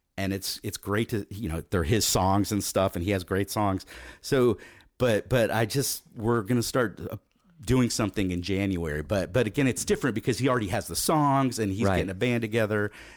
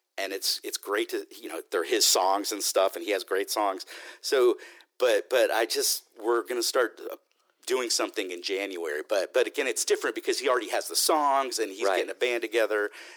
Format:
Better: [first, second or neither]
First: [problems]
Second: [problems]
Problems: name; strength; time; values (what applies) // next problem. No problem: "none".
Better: first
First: none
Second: thin; very; fading below 350 Hz